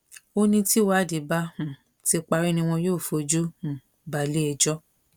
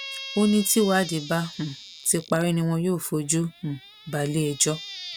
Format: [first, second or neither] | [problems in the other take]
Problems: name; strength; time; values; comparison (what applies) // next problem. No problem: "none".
first | background sound (Squeak); 15 dB below the speech